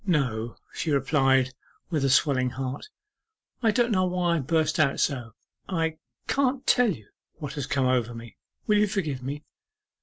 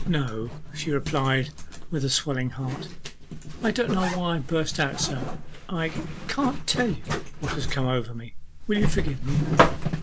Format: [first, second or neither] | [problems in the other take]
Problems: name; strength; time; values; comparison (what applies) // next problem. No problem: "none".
first | background sound (Zipper (clothing)); as loud as the speech